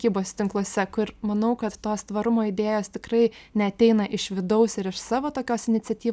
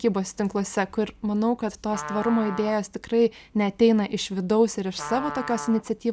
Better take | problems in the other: first | background sound (Trumpet); 15 dB below the speech

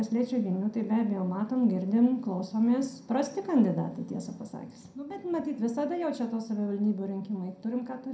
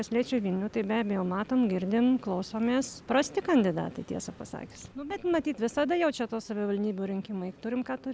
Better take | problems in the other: second | room echo; dies away in 0.4 s

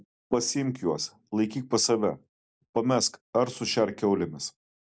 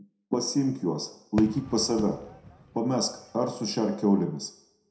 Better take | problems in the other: first | background sound (Fireworks); 14 dB below the speech // room echo; dies away in 0.5 s

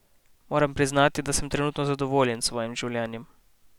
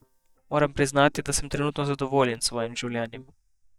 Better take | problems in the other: first | noise reduction (neural mask model DeepFilterNet 3)

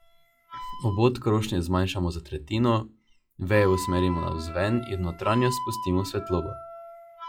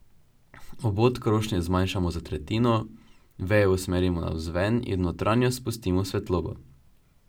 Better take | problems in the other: second | noise reduction (classical method log-MMSE)

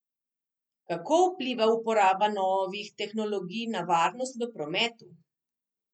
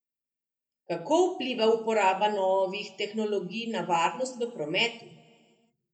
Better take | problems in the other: first | room echo; dies away in 1.1 s

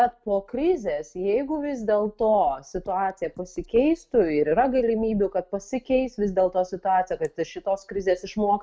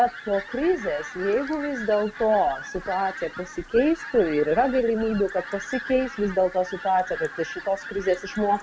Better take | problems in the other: first | background sound (Fowl); 13 dB below the speech

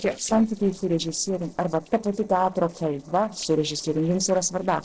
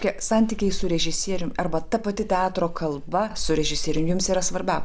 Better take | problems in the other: second | noise reduction (neural separator model SepFormer DNS4)

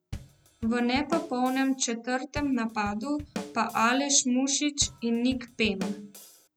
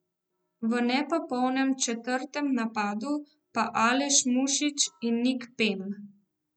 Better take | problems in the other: second | background sound (Drum kit); 13 dB below the speech

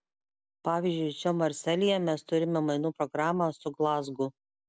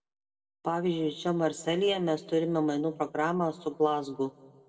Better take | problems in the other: first | room echo; dies away in 1.2 s

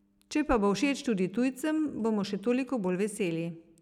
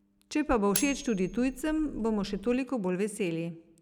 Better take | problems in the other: first | background sound (Cutlery, silverware); 11 dB below the speech

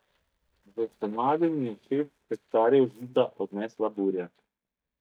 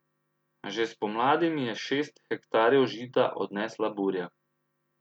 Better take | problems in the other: second | noise reduction (neural mask model DeepFilterNet 3)

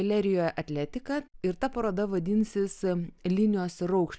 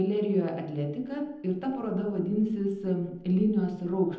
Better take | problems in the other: first | room echo; dies away in 0.8 s

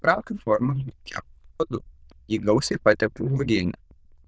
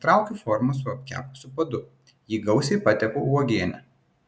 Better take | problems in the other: second | noise reduction (neural diffusion model UNIVERSE++)

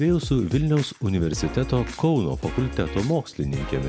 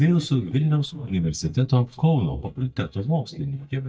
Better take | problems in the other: first | noise reduction (neural mask model DeepFilterNet 3)

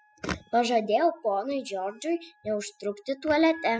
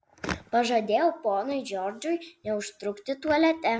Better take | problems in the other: second | noise reduction (classical method spectral subtraction)

